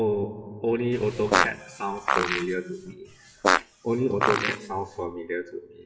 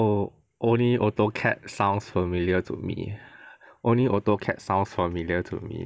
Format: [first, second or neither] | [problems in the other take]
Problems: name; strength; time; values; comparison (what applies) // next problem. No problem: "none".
second | noise reduction (classical method WPE with log-MMSE)